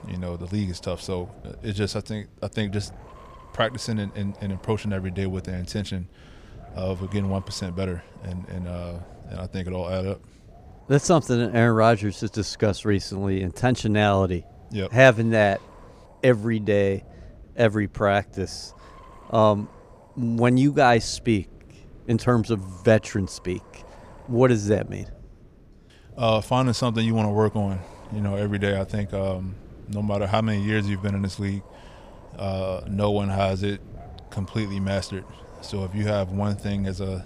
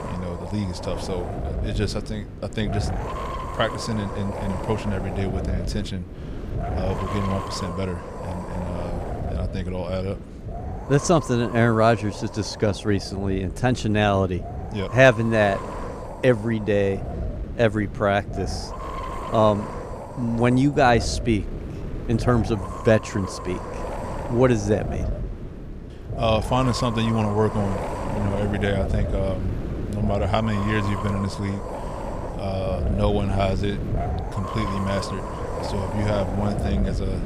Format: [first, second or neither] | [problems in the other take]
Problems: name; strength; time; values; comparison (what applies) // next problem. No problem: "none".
first | wind noise on the microphone; heavy; 8 dB below the speech; occasional gusts in the first